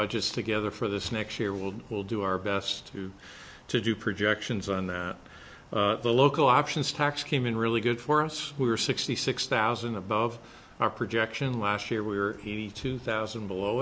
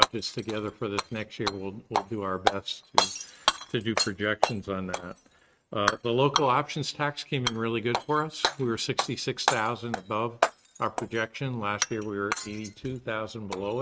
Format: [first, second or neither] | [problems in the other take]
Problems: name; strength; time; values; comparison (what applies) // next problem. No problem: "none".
first | noise reduction (neural mask model RNNoise)